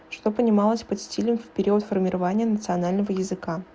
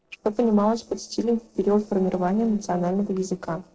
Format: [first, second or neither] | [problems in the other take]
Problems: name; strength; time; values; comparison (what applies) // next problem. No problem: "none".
first | noise reduction (neural separator model SepFormer DNS4)